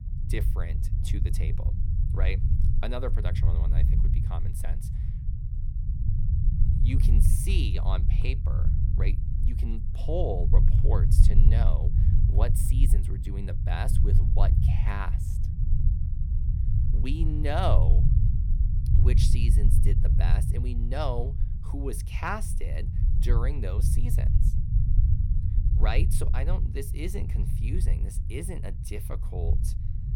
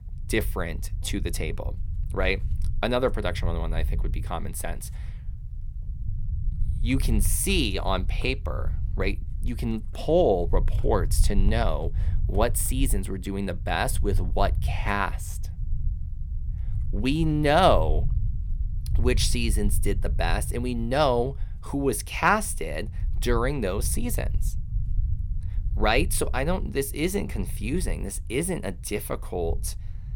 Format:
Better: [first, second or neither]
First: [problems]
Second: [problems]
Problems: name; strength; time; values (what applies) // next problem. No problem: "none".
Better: second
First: low rumble; loud; throughout; 5 dB below the speech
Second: low rumble; faint; throughout; 20 dB below the speech